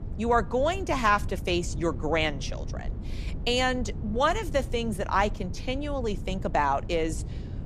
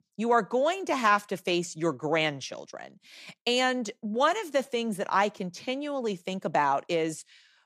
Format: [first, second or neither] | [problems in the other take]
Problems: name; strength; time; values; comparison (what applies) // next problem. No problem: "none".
second | low rumble; faint; throughout; 20 dB below the speech